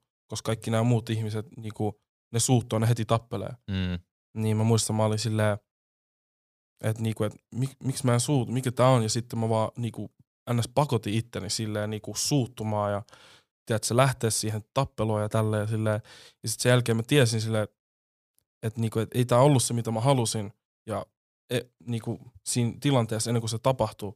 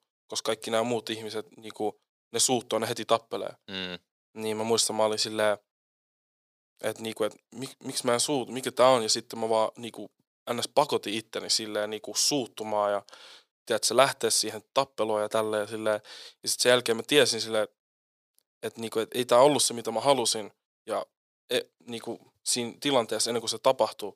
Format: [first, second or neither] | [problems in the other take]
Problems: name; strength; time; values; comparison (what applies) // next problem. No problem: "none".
first | thin; somewhat; fading below 400 Hz